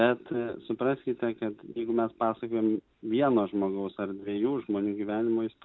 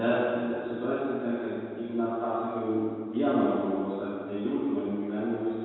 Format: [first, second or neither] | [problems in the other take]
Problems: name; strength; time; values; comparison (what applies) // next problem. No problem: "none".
first | room echo; dies away in 1.9 s